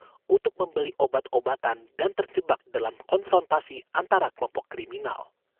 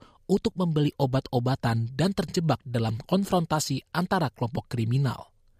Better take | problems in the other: second | phone-call audio; poor line; nothing above 3 kHz

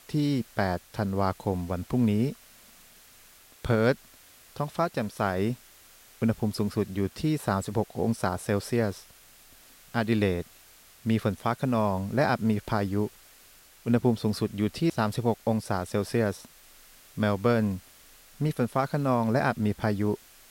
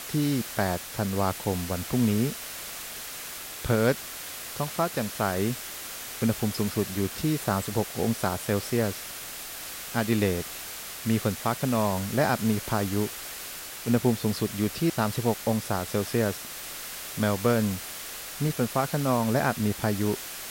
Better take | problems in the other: first | hiss; loud; throughout; 8 dB below the speech; faint in the first

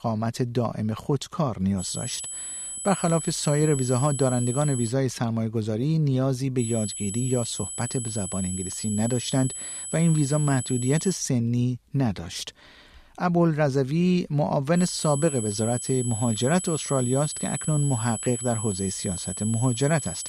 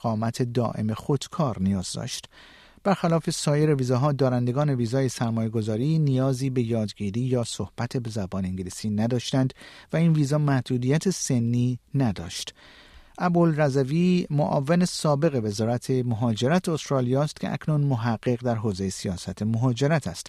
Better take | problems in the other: second | high-pitched whine; loud; from 2 to 5 s, from 6.5 to 11 s and from 15 s on; 8 kHz, 6 dB below the speech

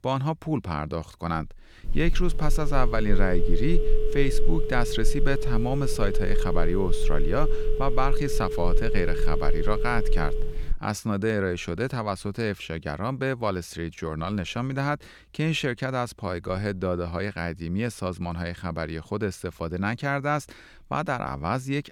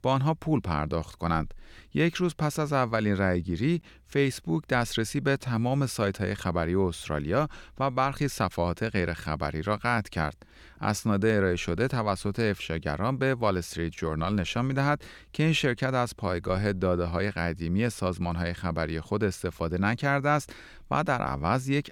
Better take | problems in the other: second | phone ringing; loud; from 2 to 11 s; peak 1 dB above the speech

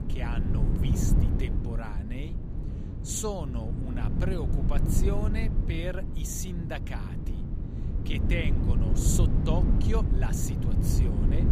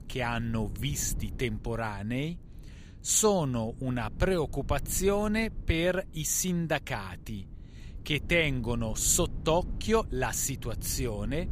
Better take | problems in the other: second | wind noise on the microphone; heavy; 2 dB below the speech; occasional gusts in the second

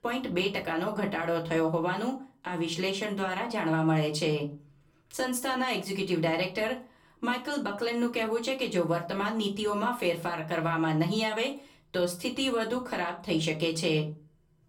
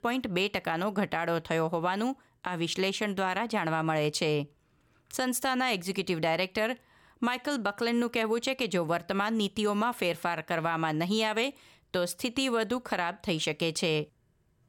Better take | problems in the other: second | off-mic speech; far // room echo; very slight; dies away in 0.3 s

